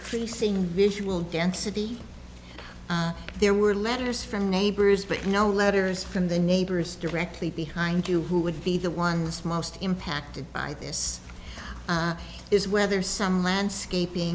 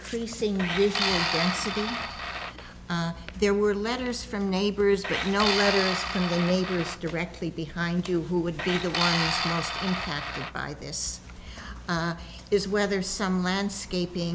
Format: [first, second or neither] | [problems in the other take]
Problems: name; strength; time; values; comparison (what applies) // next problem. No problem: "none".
first | background sound (Tools); 4 dB below the speech